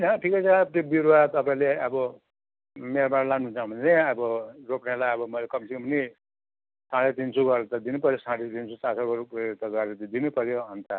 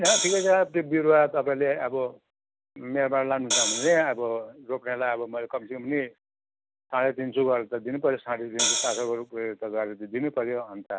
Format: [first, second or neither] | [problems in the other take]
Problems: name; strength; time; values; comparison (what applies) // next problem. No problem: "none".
first | background sound (Hi-hat); as loud as the speech